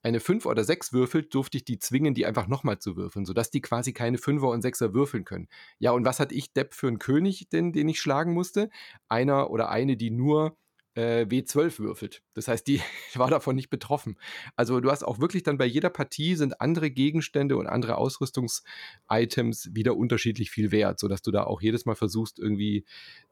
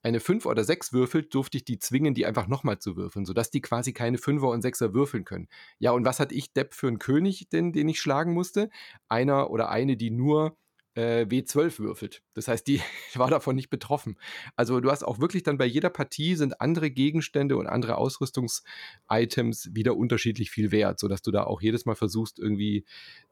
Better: neither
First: none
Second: none

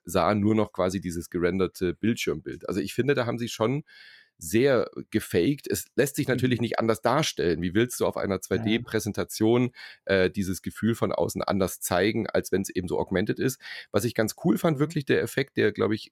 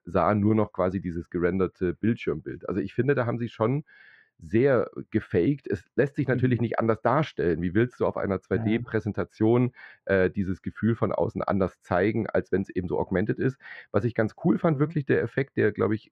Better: first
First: none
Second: muffled; very; fading above 1.5 kHz

